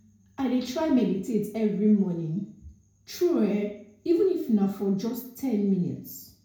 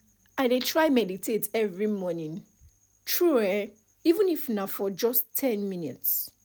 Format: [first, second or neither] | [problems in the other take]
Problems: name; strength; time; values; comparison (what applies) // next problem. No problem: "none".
second | room echo; dies away in 0.6 s